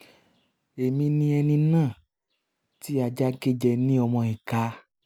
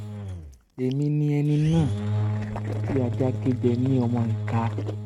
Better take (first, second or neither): first